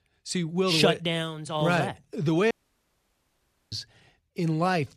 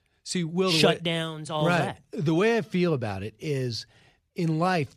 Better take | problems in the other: second | audio cutting out; at 2.5 s for 1 s

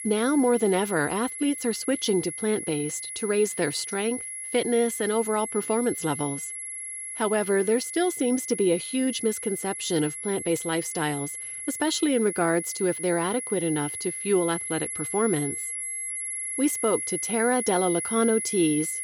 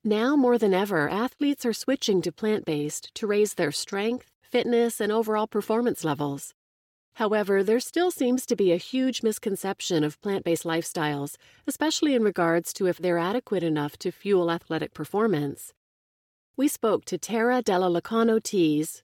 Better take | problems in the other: second | high-pitched whine; loud; throughout; 11 kHz, 5 dB below the speech

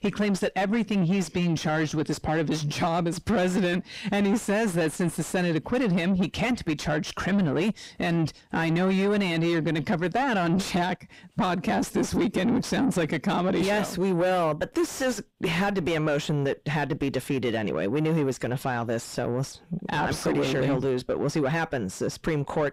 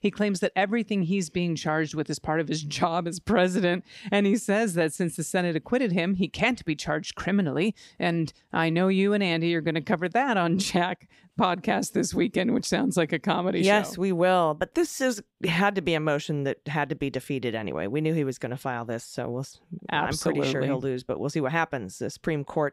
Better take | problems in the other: second | distortion; heavy; 7 dB below the speech

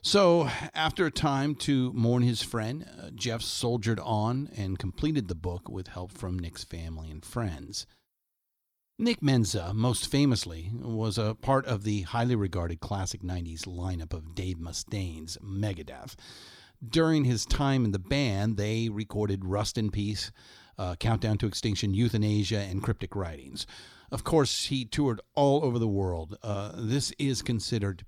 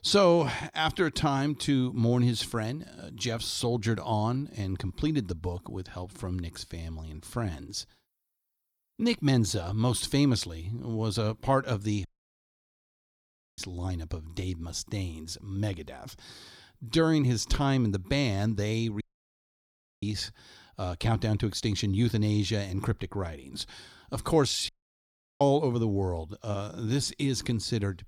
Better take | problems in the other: first | audio cutting out; at 12 s for 1.5 s, at 19 s for 1 s and at 25 s for 0.5 s

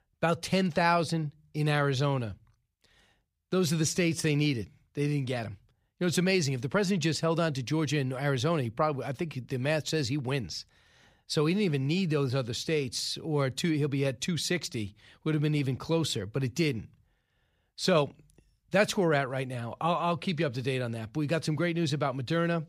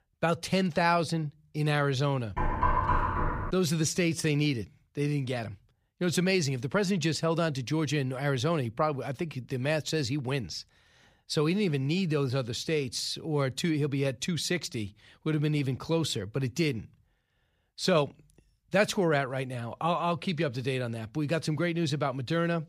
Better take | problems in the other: first | door banging; loud; from 2.5 to 3.5 s; peak 3 dB above the speech

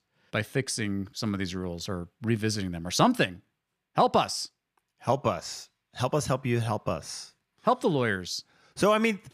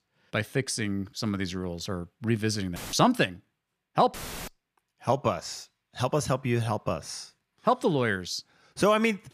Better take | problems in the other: first | audio cutting out; filled with static; at 3 s and at 4 s

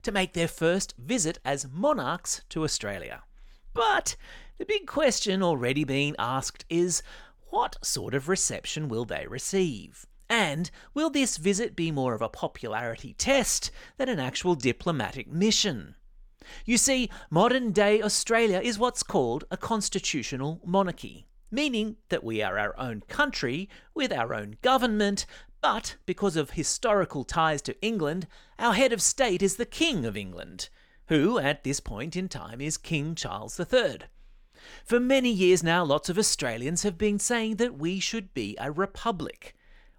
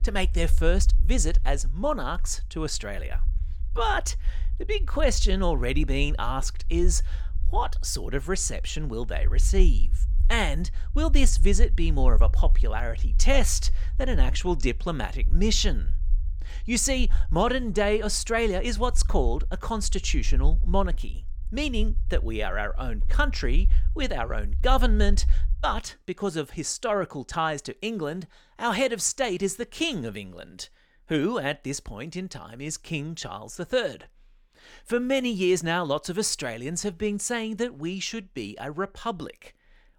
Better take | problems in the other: first | low rumble; faint; until 26 s; 25 dB below the speech

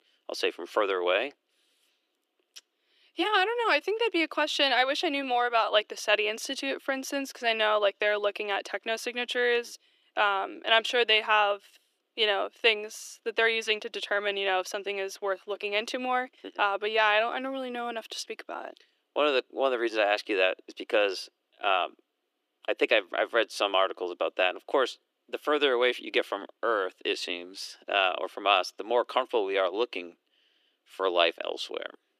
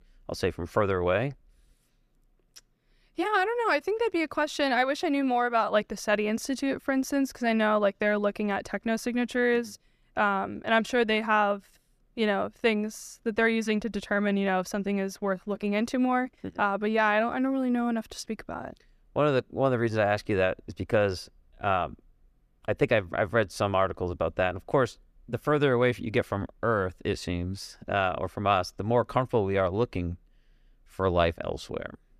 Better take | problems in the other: second | thin; somewhat; fading below 300 Hz

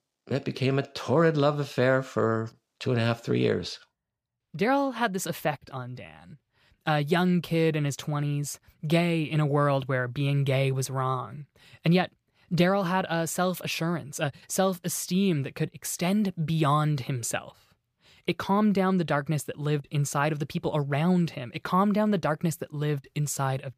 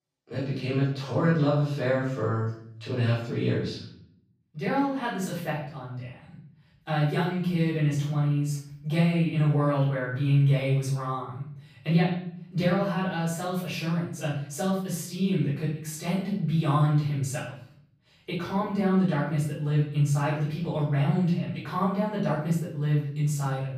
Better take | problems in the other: first | off-mic speech; far // room echo; noticeable; dies away in 0.6 s

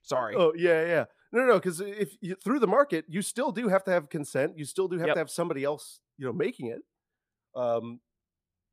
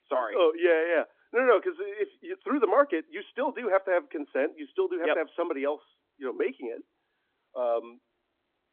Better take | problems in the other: first | phone-call audio; nothing above 3.5 kHz

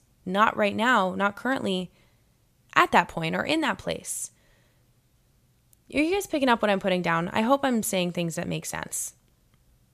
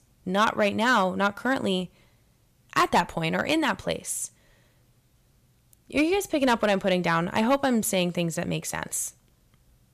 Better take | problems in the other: first | distortion; slight; 1.8% of the sound clipped

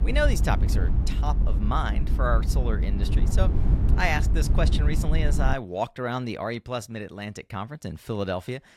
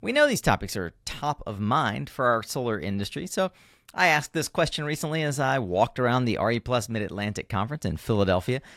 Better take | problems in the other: second | low rumble; loud; until 5.5 s; 9 dB below the speech

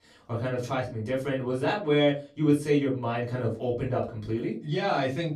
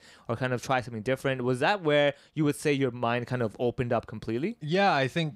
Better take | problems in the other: second | off-mic speech; far // room echo; very slight; dies away in 0.3 s

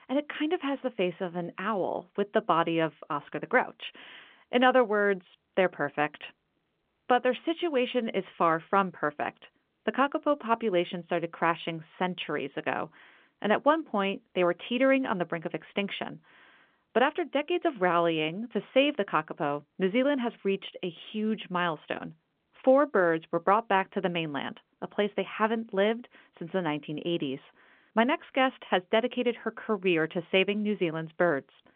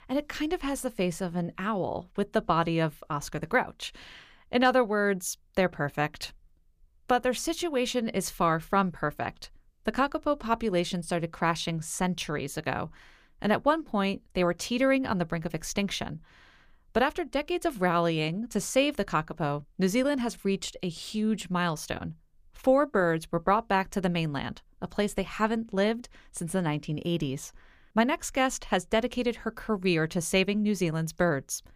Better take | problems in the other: second | phone-call audio; nothing above 3 kHz

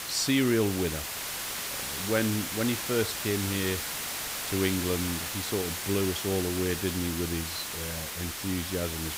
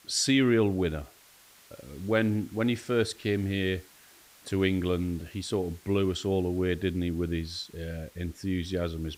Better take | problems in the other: second | hiss; loud; throughout; 2 dB below the speech; faint in the second

